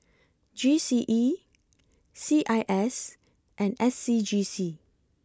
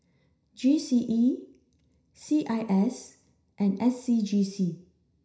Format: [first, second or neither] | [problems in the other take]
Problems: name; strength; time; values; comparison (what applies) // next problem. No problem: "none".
first | room echo; dies away in 0.5 s